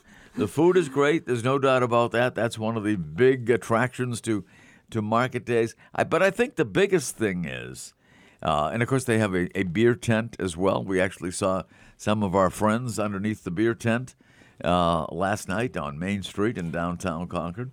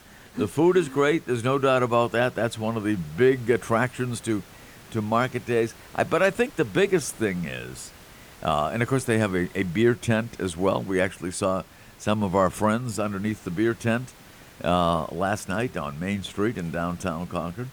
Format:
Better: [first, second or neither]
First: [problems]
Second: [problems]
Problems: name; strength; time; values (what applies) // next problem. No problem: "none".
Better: first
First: none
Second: hiss; faint; throughout; 25 dB below the speech